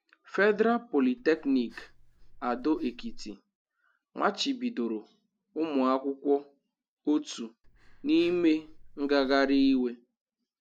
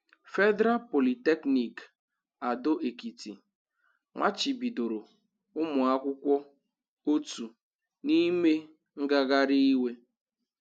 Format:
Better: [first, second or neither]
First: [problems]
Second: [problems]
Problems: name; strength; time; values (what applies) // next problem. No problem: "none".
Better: second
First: background sound (Breathing); 18 dB below the speech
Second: none